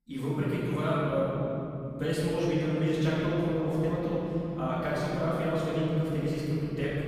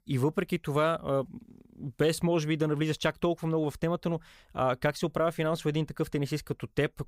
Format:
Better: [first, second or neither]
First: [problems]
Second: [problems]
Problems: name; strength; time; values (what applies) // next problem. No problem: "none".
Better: second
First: room echo; strong; dies away in 3 s // off-mic speech; far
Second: none